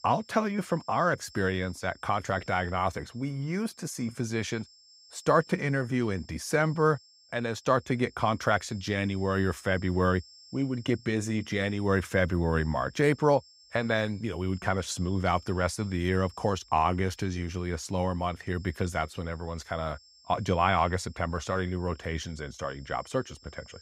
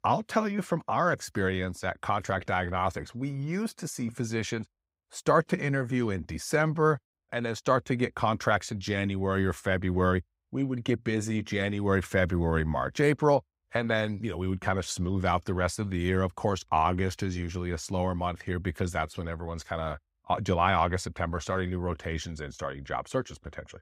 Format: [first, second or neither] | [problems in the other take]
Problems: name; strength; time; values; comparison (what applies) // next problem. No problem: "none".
second | high-pitched whine; faint; throughout; 5.5 kHz, 25 dB below the speech